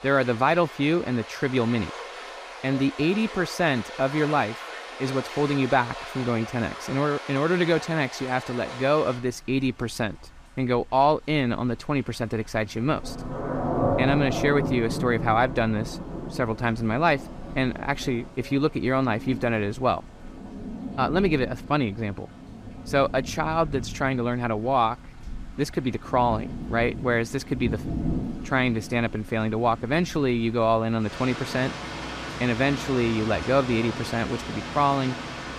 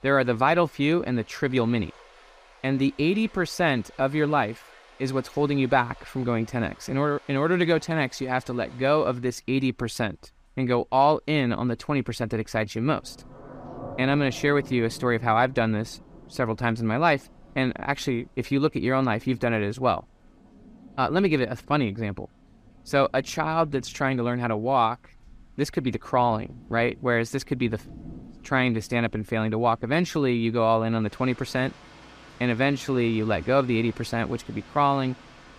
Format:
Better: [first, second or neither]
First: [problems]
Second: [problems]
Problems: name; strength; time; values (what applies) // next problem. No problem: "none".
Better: second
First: rain or running water; loud; throughout; 9 dB below the speech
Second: rain or running water; faint; throughout; 25 dB below the speech